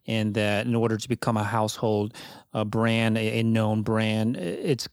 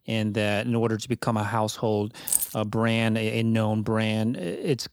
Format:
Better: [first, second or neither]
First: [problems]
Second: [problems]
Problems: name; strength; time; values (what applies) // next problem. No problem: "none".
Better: first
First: none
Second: jangling keys; loud; at 2.5 s; peak 2 dB above the speech